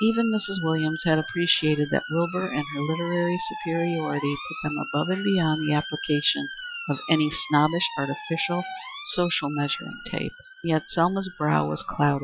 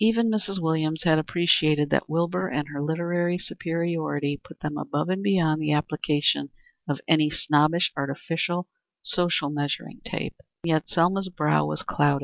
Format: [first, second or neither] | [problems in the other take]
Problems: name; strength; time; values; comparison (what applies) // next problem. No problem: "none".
second | noise reduction (classical method Wiener filter)